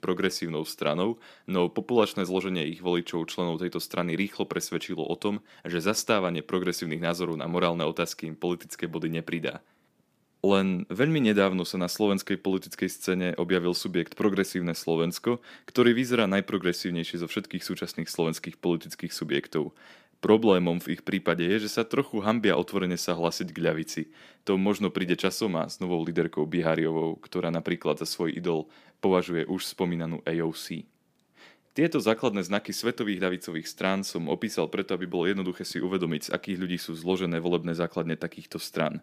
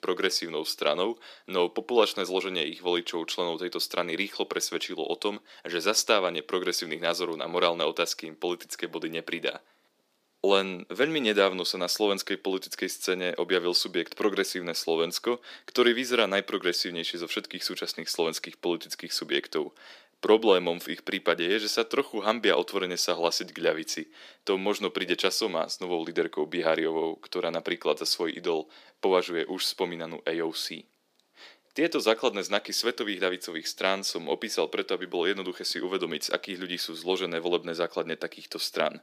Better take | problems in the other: first | thin; somewhat; fading below 450 Hz

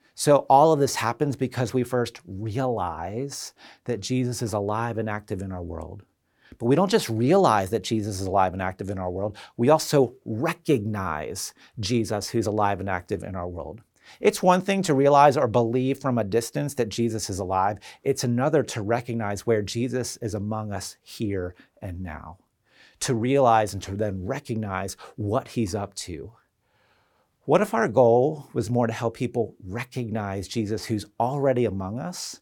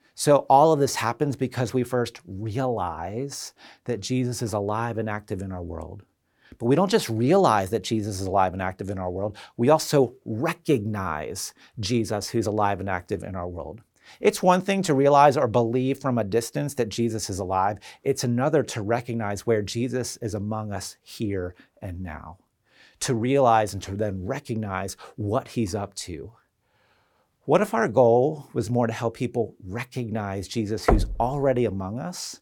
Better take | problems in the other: first | door banging; loud; at 31 s; peak 1 dB above the speech

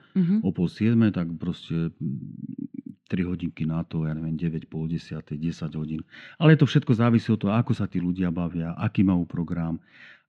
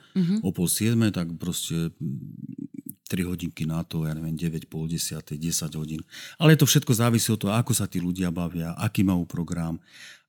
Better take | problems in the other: second | muffled; very; fading above 2.5 kHz

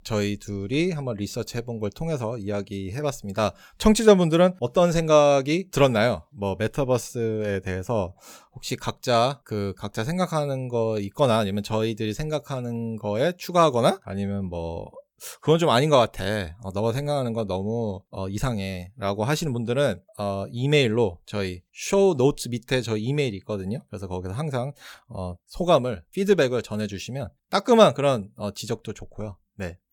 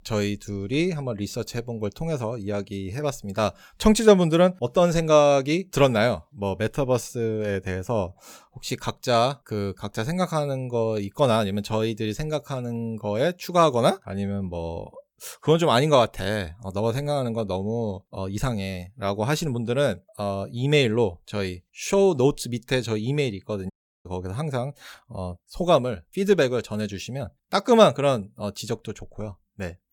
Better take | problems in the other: first | audio cutting out; at 24 s

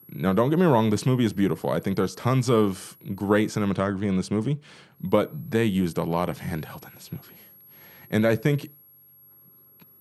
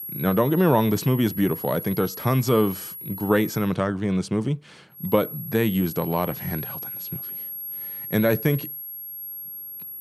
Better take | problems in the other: first | high-pitched whine; loud; until 3.5 s and from 5 s on; 11.5 kHz, 9 dB below the speech; faint in the first

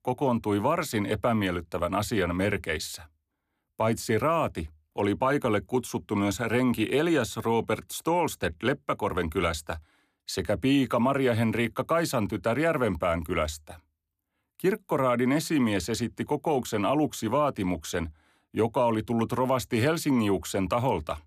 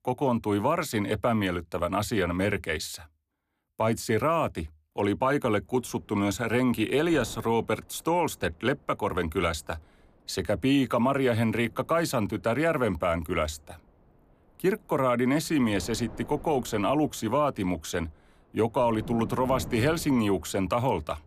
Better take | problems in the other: first | wind noise on the microphone; occasional gusts; from 5.5 s on; 25 dB below the speech

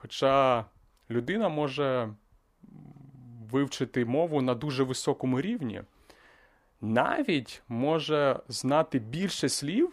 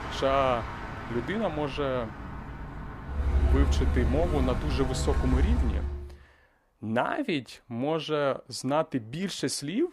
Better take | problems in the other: first | traffic noise; loud; until 5.5 s; 1 dB below the speech

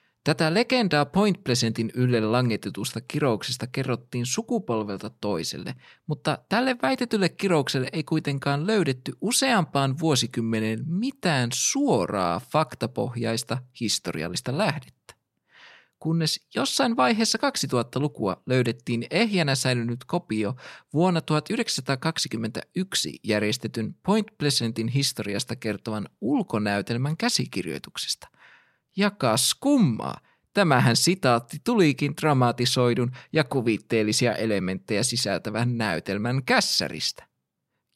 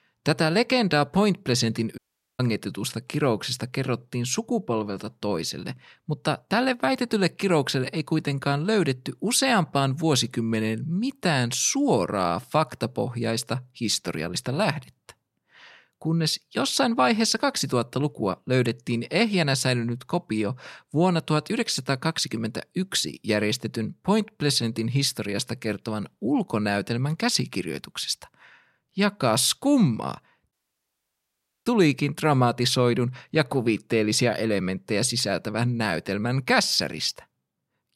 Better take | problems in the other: first | audio cutting out; at 2 s and at 31 s for 1 s

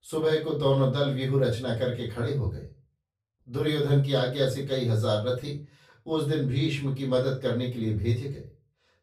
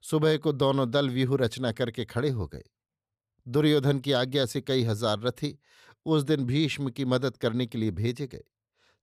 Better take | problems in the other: second | room echo; slight; dies away in 0.3 s // off-mic speech; far

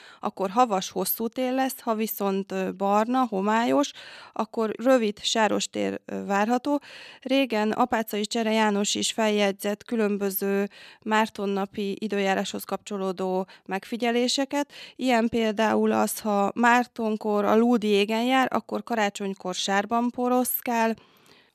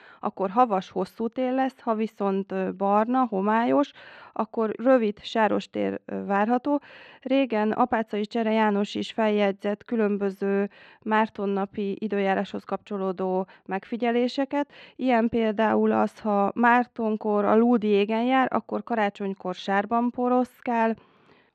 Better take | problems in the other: first | muffled; very; fading above 2 kHz

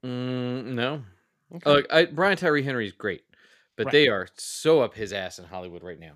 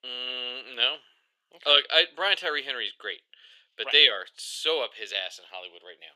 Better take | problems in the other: first | thin; very; fading below 500 Hz

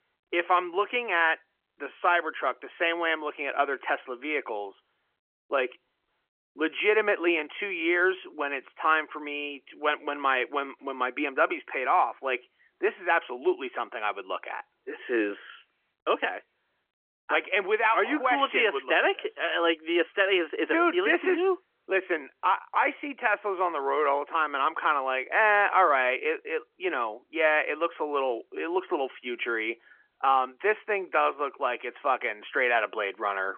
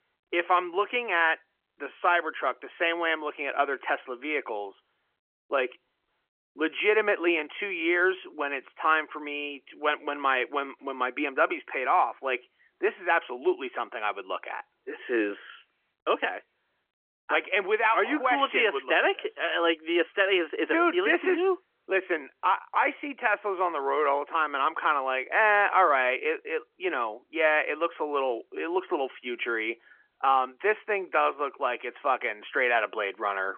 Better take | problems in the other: neither | phone-call audio; nothing above 3 kHz; the same in both

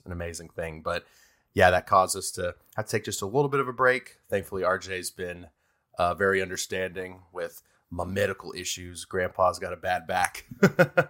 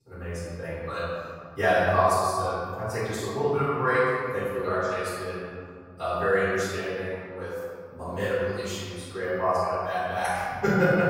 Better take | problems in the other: first | off-mic speech; far // room echo; strong; dies away in 2.4 s

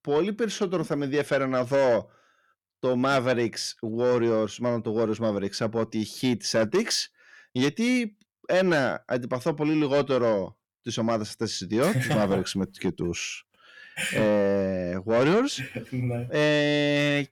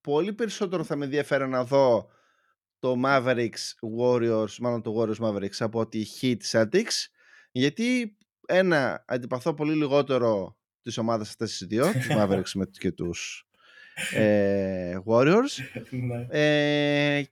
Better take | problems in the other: second | distortion; slight; 10 dB below the speech

